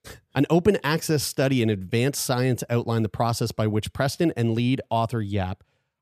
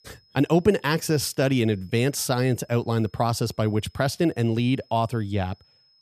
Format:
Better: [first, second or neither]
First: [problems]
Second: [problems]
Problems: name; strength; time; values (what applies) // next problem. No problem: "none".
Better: first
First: none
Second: high-pitched whine; faint; throughout; 5 kHz, 35 dB below the speech